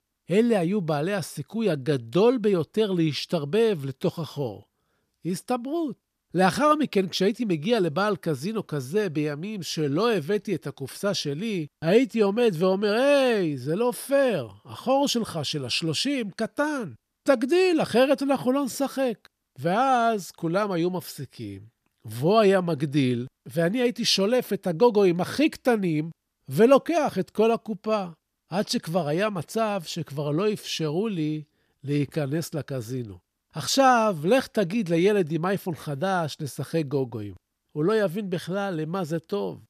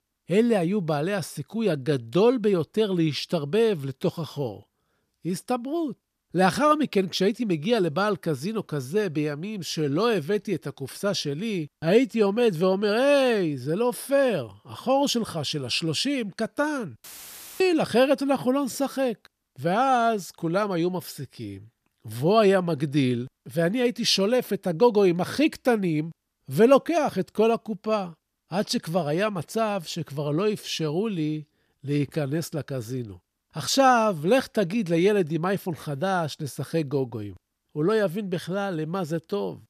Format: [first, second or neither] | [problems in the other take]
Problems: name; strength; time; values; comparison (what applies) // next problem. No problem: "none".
first | audio cutting out; filled with static; at 17 s for 0.5 s